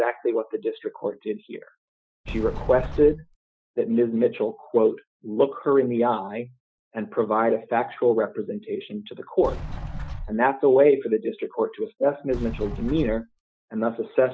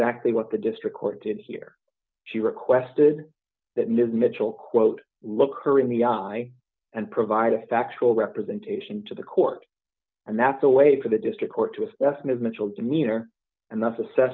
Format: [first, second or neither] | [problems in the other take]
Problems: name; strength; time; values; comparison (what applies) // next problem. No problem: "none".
second | noise reduction (classical method Wiener filter)